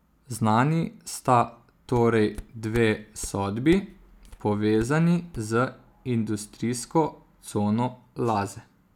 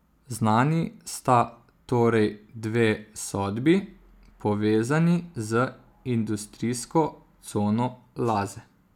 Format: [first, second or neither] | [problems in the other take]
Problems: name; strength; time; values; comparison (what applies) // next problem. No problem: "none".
second | background sound (Walk, footsteps); 18 dB below the speech